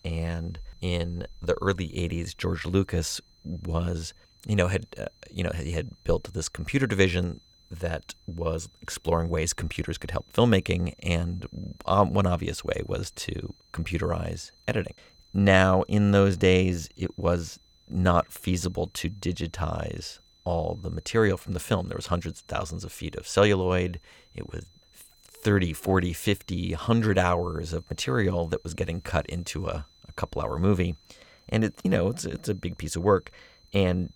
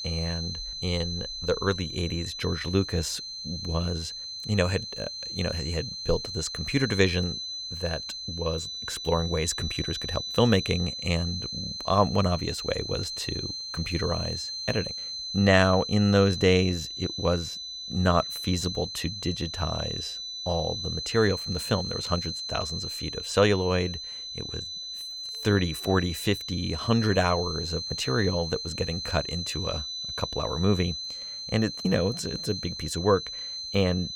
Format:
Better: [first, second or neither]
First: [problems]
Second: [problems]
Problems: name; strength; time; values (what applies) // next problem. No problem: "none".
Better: first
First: high-pitched whine; faint; throughout; 4 kHz, 30 dB below the speech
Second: high-pitched whine; loud; throughout; 4 kHz, 5 dB below the speech